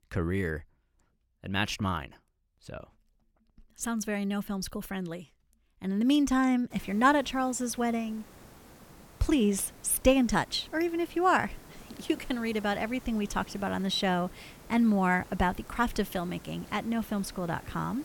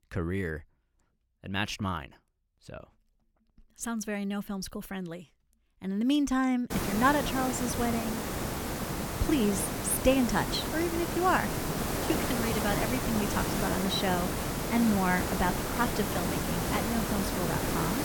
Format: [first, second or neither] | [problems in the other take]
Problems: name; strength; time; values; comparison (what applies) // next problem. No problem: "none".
first | hiss; loud; from 6.5 s on; 1 dB below the speech; faint in the first